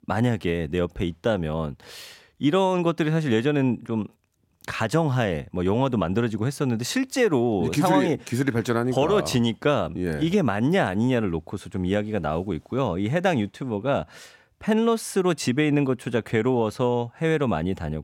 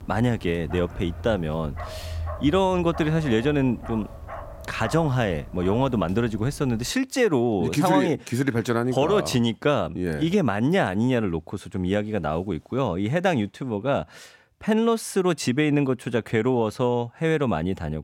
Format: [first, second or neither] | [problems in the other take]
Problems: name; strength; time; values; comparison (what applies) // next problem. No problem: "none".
first | dog barking; noticeable; until 7 s; peak 8 dB below the speech